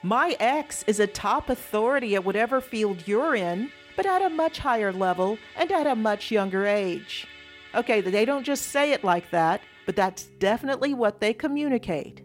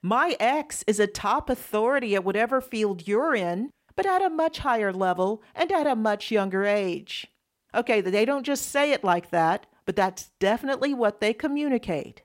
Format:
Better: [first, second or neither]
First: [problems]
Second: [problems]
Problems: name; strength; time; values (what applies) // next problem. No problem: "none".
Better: second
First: background music; faint; throughout; 20 dB below the speech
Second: none